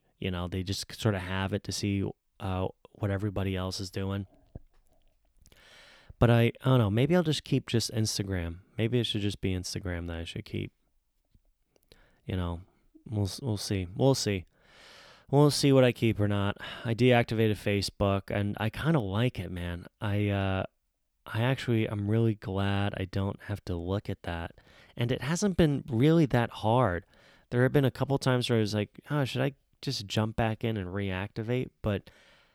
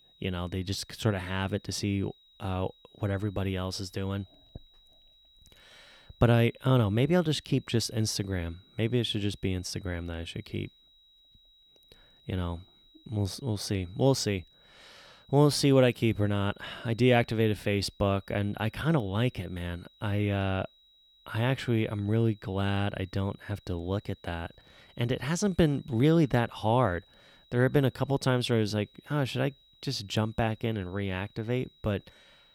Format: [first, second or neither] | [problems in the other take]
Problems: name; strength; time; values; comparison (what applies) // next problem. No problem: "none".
first | high-pitched whine; faint; throughout; 4 kHz, 30 dB below the speech